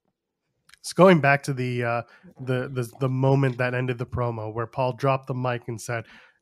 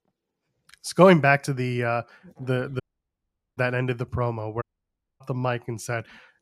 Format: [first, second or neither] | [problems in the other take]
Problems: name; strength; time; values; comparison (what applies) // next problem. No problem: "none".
first | audio cutting out; at 3 s for 1 s and at 4.5 s for 0.5 s